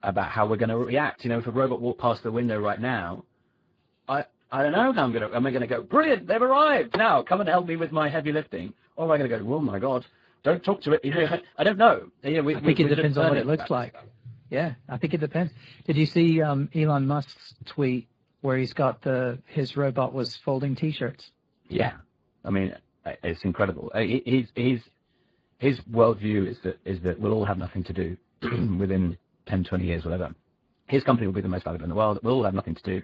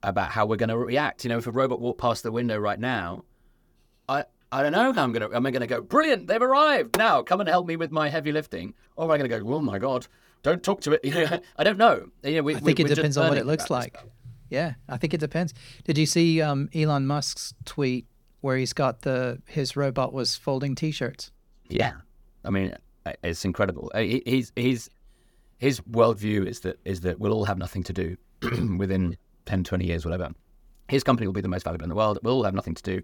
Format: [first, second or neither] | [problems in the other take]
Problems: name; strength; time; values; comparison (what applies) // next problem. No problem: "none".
second | garbled, watery; badly